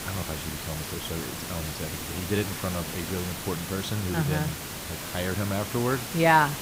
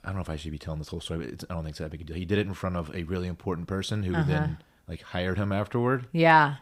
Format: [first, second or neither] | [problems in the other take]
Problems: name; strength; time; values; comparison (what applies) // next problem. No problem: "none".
second | hiss; loud; throughout; 5 dB below the speech